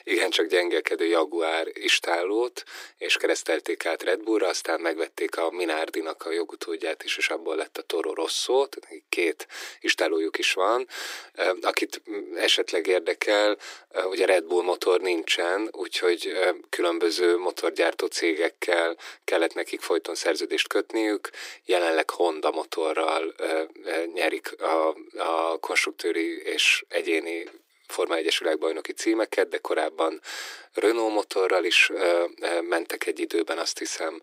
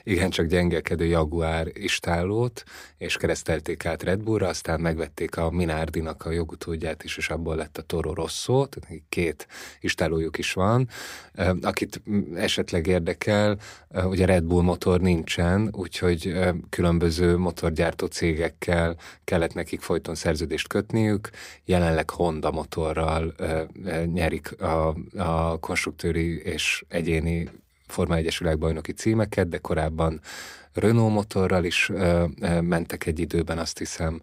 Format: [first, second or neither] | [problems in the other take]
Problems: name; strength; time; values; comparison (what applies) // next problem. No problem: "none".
second | thin; very; fading below 300 Hz